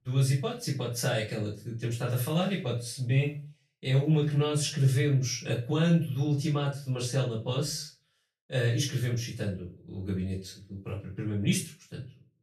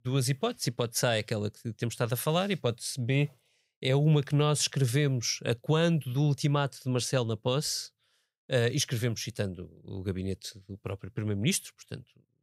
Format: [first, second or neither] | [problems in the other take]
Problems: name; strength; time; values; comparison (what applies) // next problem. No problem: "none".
second | off-mic speech; far // room echo; slight; dies away in 0.3 s